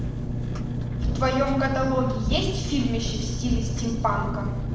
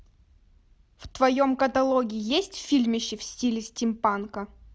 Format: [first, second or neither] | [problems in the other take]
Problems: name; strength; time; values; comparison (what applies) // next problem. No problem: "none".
second | background sound (Engine); 1 dB above the speech // room echo; dies away in 0.9 s